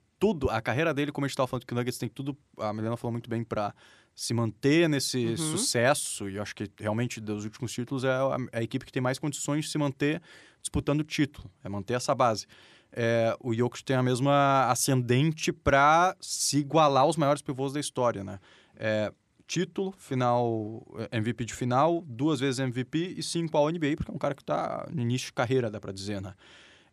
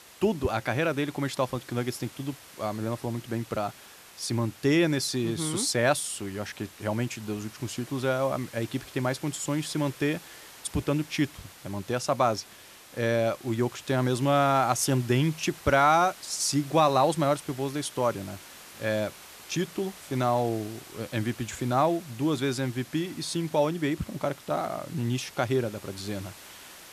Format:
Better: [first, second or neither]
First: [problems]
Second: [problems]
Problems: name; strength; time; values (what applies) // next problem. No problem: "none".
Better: first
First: none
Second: hiss; noticeable; throughout; 20 dB below the speech